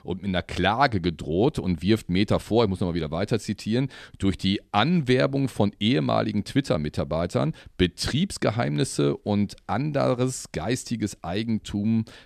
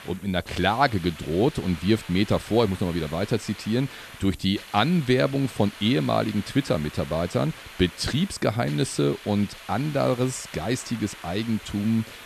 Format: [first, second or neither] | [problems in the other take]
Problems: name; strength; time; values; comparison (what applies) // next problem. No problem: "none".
first | hiss; noticeable; throughout; 15 dB below the speech